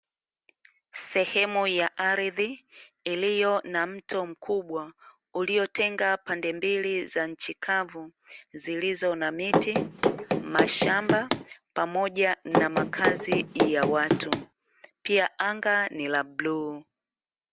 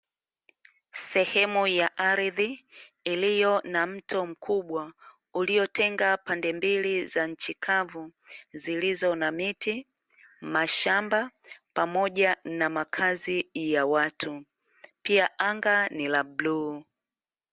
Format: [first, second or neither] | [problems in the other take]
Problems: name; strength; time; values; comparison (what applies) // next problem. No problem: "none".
second | background sound (Run); 2 dB above the speech